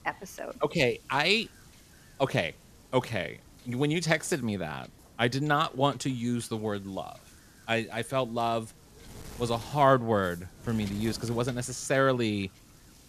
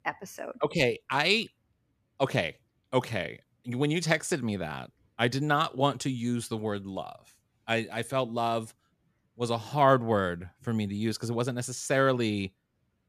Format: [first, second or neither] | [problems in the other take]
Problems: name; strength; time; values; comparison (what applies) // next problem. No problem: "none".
second | wind noise on the microphone; occasional gusts; 25 dB below the speech